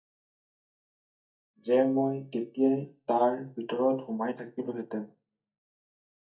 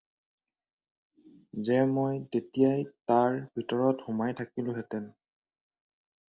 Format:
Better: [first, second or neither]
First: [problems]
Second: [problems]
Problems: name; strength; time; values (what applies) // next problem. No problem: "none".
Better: second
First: noise reduction (neural mask model DeepFilterNet 3)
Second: none